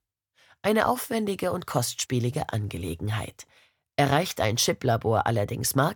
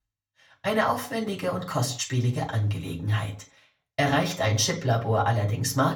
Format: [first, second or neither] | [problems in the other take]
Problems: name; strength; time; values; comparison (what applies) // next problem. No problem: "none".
first | room echo; very slight; dies away in 0.3 s // off-mic speech; far